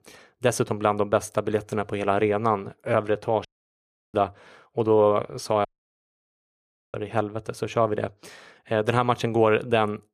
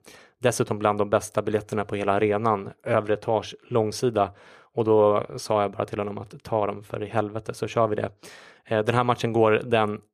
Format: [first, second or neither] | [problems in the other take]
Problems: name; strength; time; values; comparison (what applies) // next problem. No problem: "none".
second | audio cutting out; at 3.5 s for 0.5 s and at 5.5 s for 1.5 s